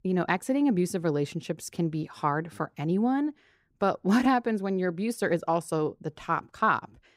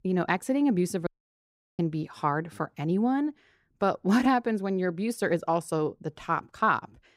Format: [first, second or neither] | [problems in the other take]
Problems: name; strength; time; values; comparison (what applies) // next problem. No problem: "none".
first | audio cutting out; at 1 s for 0.5 s